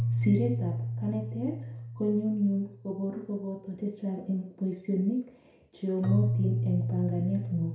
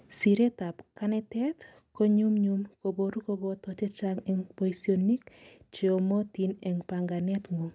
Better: second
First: background sound (Keyboard (musical)); 2 dB below the speech // room echo; dies away in 0.6 s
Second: none

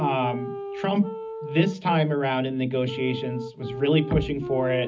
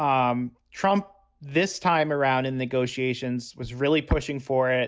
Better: second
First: background sound (Wind instrument, woodwind instrument); 10 dB below the speech // room echo; dies away in 0.4 s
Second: none

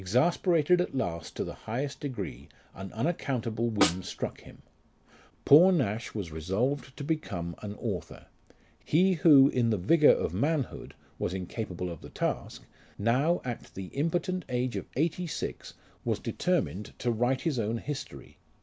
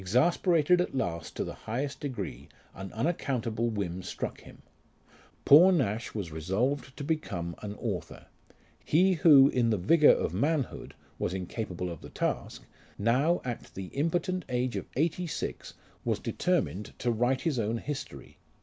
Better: second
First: background sound (Snare drum); 3 dB below the speech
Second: none

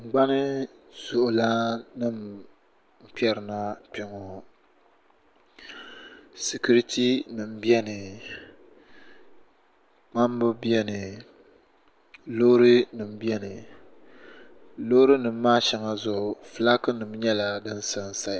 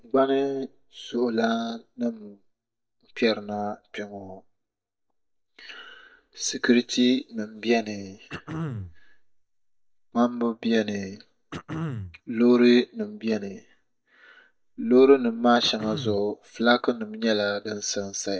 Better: first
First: none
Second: noise reduction (neural mask model DeepFilterNet 3)

